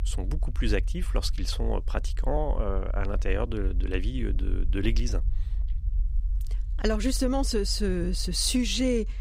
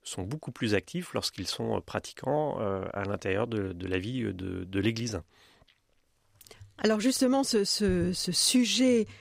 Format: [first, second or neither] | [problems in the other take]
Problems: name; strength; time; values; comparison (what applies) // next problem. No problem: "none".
second | low rumble; faint; throughout; 25 dB below the speech